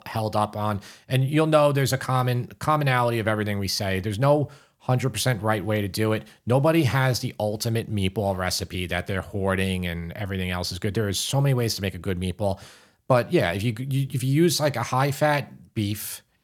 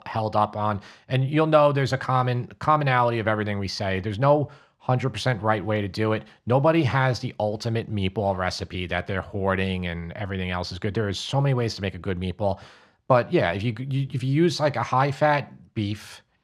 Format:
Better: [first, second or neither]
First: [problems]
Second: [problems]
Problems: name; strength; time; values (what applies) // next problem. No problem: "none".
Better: first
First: none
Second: muffled; very slightly; fading above 4.5 kHz